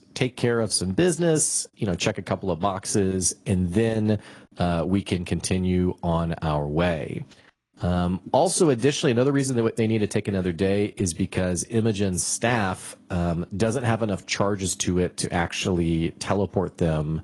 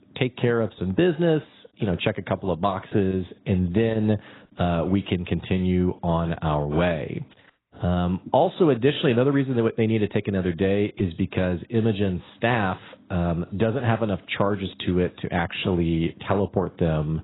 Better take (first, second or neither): first